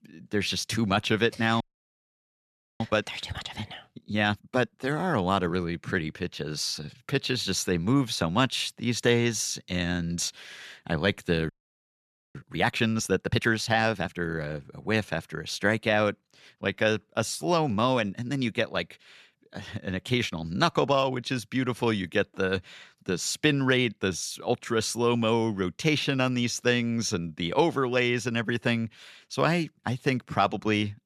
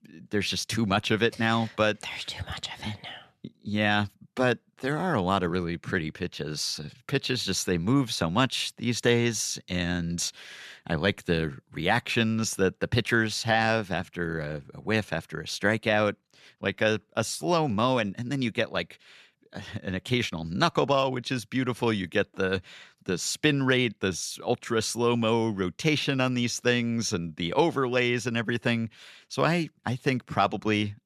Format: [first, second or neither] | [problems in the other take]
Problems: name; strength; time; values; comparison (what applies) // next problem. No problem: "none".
second | audio freezing; at 1.5 s for 1 s and at 11 s for 1 s